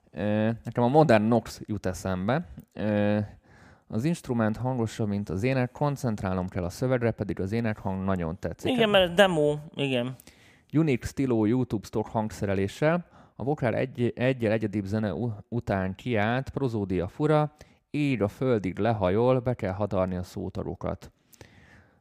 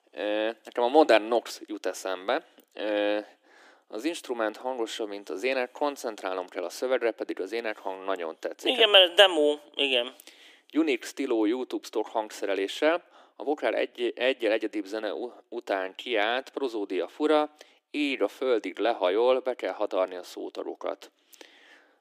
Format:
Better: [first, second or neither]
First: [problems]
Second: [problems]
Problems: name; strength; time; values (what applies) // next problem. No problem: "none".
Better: first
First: none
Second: thin; somewhat; fading below 300 Hz